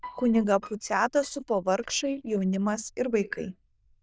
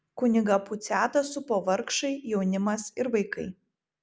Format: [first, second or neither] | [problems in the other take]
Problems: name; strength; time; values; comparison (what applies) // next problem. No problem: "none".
second | noise reduction (neural diffusion model UNIVERSE++)